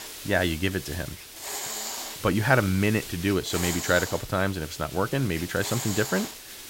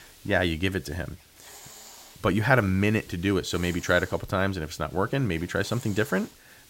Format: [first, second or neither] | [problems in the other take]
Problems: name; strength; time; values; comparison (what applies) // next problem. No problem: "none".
second | hiss; loud; throughout; 8 dB below the speech; faint in the second